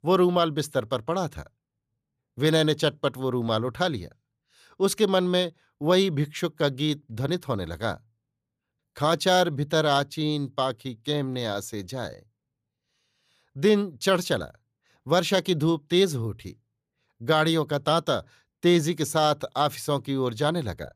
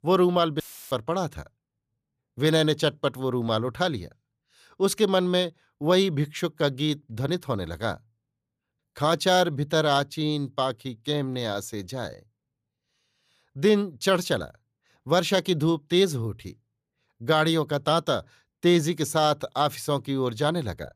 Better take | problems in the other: first | audio cutting out; filled with static; at 0.5 s

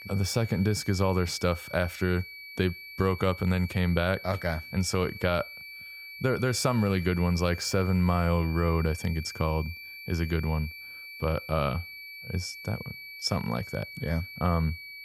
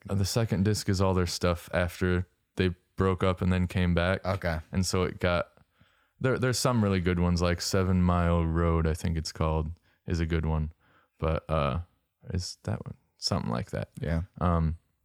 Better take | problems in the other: second | high-pitched whine; noticeable; throughout; 2.5 kHz, 10 dB below the speech

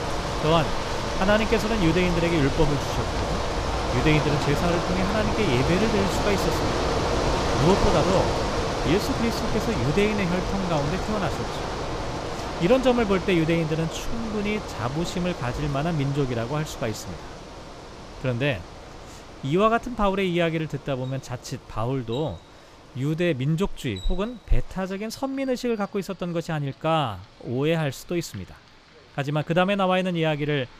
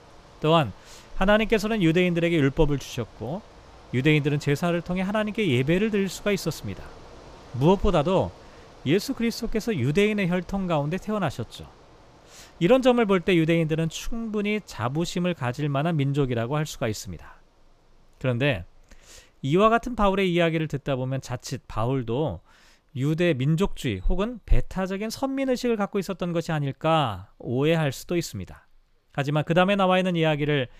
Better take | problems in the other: second | traffic noise; loud; throughout; 2 dB below the speech; faint in the second

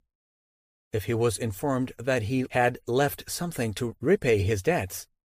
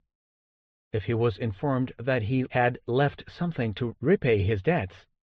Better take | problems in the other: first | muffled; very; fading above 3.5 kHz

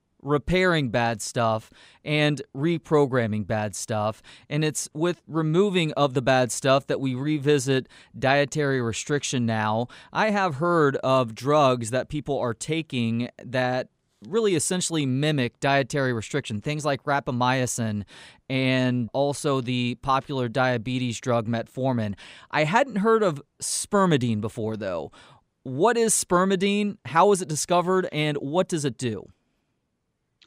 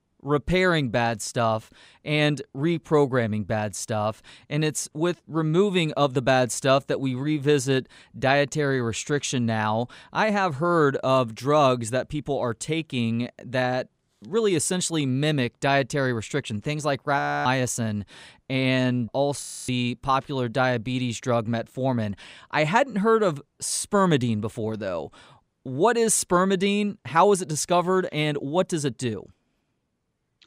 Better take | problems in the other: first | audio freezing; at 17 s and at 19 s

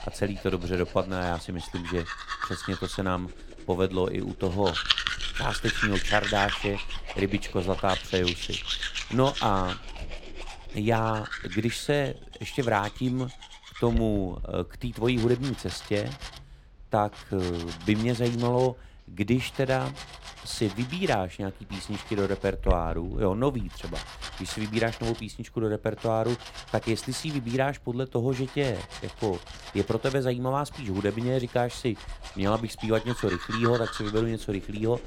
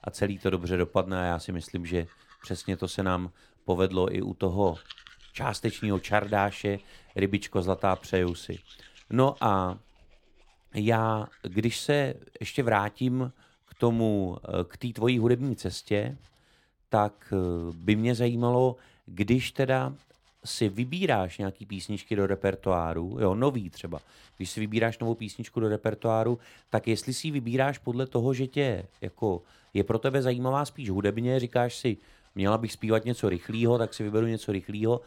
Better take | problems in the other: second | household noises; loud; throughout; 7 dB below the speech; faint in the second

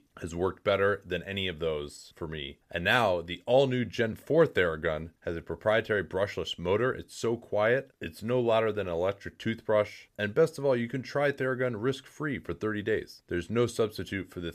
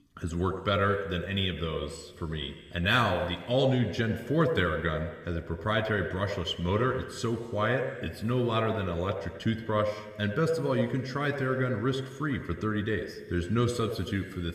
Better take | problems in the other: first | room echo; slight; dies away in 2 s

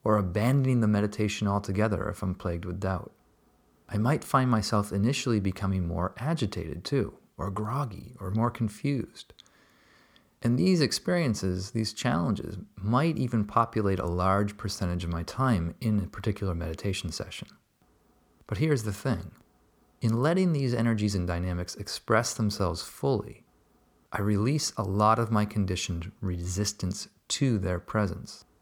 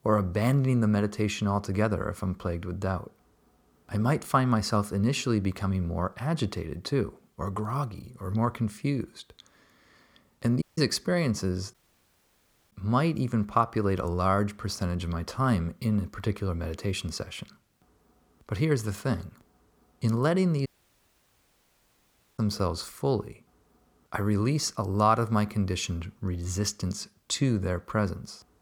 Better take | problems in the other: first | audio cutting out; at 11 s, at 12 s for 1 s and at 21 s for 1.5 s

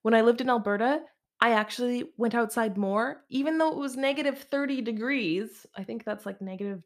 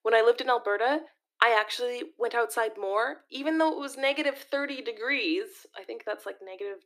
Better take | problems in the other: first | thin; somewhat; fading below 300 Hz

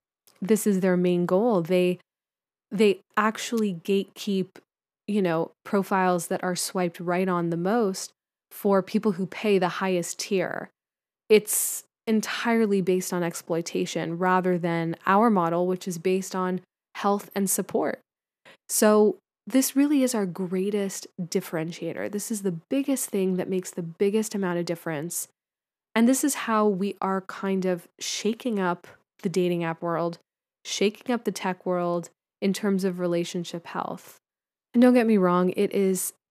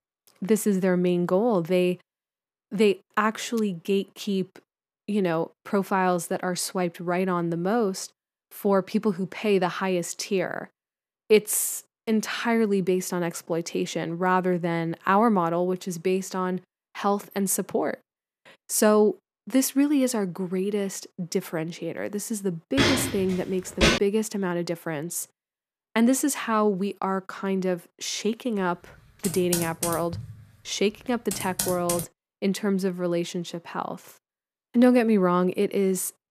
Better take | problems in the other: first | footsteps; loud; from 23 to 24 s; peak 4 dB above the speech // keyboard typing; noticeable; from 29 to 32 s; peak 2 dB below the speech

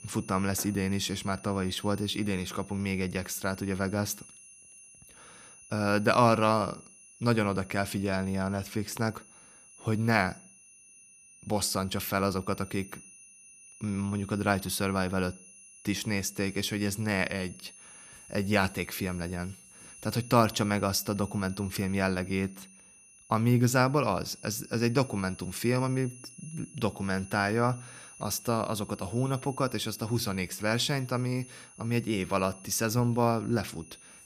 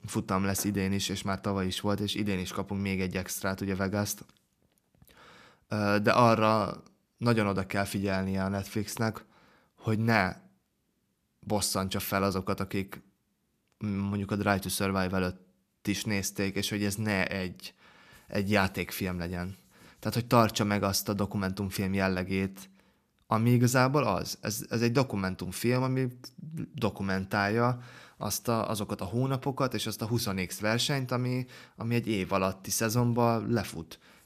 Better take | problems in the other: second | high-pitched whine; faint; throughout; 10 kHz, 20 dB below the speech

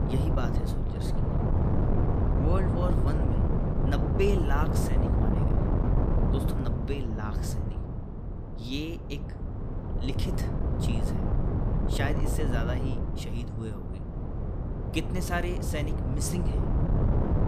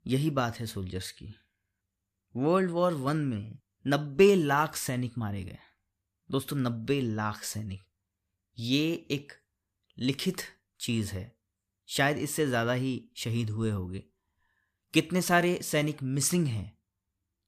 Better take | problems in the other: second | wind noise on the microphone; heavy; 1 dB below the speech

